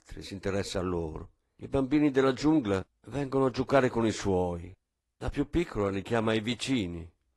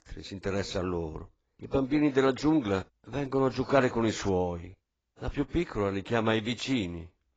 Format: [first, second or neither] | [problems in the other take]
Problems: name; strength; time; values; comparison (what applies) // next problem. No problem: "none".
first | garbled, watery; badly; nothing above 7.5 kHz; slightly in the first